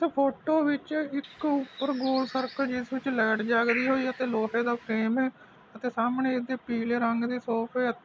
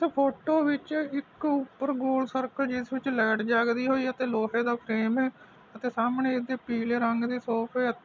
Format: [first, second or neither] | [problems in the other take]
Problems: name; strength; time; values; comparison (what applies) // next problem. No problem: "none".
second | background sound (Bird); 13 dB below the speech